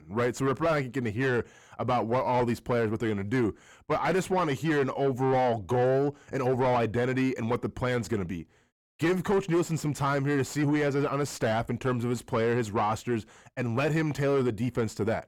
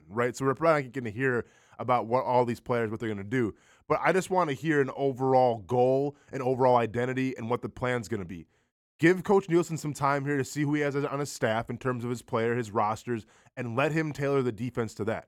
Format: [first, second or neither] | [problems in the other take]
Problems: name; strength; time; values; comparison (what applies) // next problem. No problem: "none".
second | distortion; heavy; 7 dB below the speech